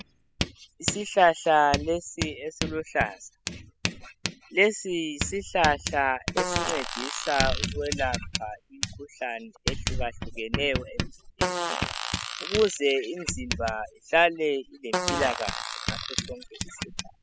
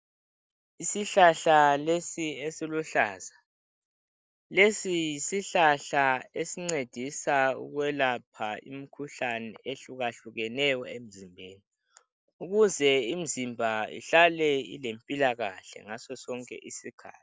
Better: second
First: noise reduction (classical method spectral subtraction)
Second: none

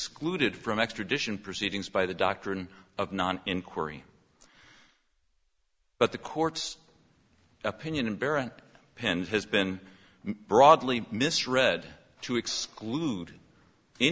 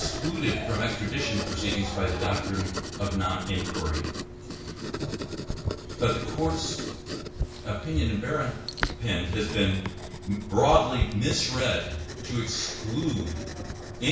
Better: first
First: none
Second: background sound (Writing); 5 dB below the speech // room echo; dies away in 0.6 s

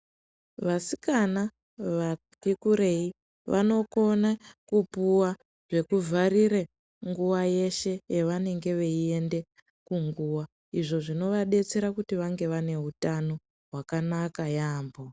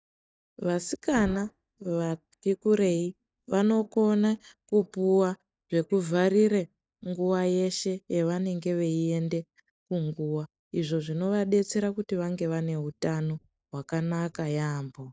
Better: first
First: none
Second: noise reduction (neural mask model DeepFilterNet 3)

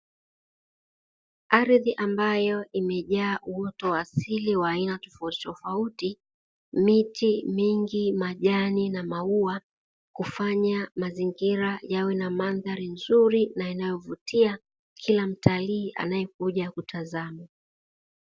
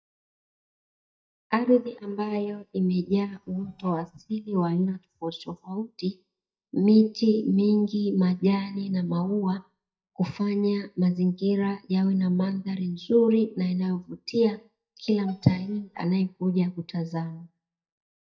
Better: first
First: none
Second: noise reduction (neural mask model DeepFilterNet 3)

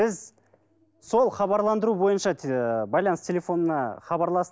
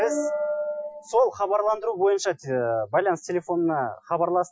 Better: first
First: none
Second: noise reduction (classical method Wiener filter)

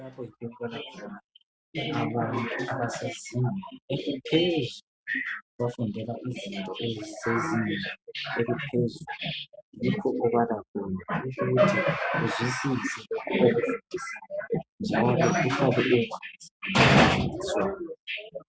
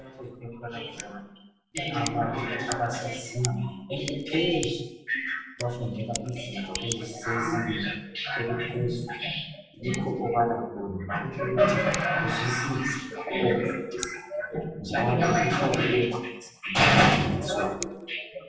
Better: first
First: none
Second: background sound (Scissors); 17 dB below the speech // room echo; dies away in 0.7 s

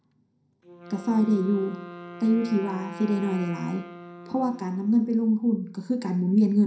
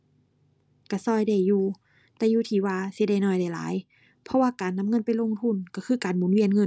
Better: second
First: background sound (Wind instrument, woodwind instrument); 17 dB below the speech // room echo; dies away in 0.4 s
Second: none

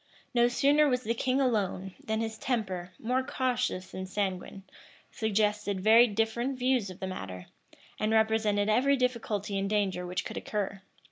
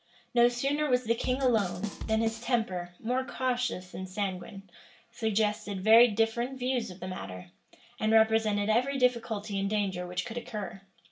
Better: first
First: none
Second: background sound (Bass drum / Snare drum / Drum kit); 10 dB below the speech // room echo; dies away in 0.2 s

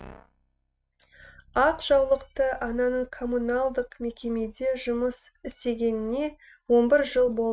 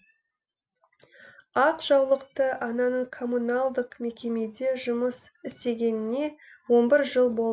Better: second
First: noise reduction (neural mask model RNNoise)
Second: none

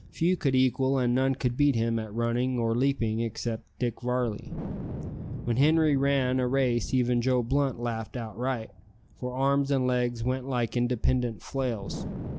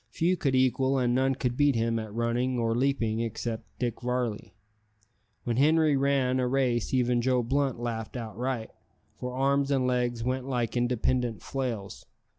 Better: second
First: background sound (Wind); 14 dB below the speech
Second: none

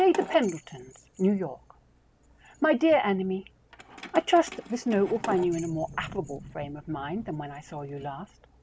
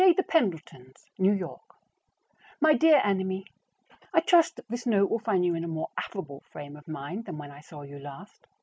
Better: second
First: background sound (Sliding door + Keys jangling); 16 dB below the speech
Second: none

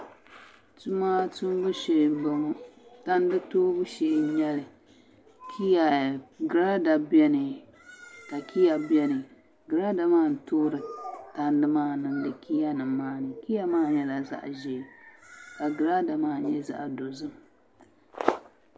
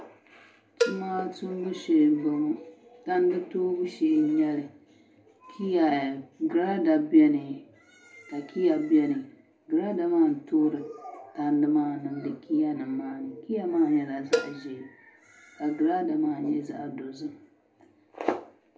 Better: first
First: none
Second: background sound (Cowbell); 8 dB below the speech // room echo; dies away in 0.3 s

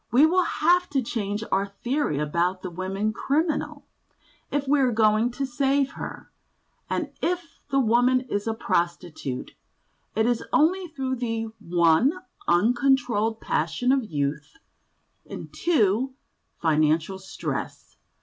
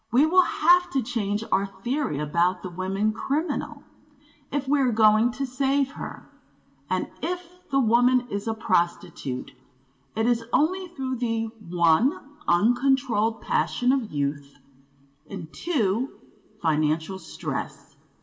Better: first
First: none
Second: room echo; dies away in 1.3 s

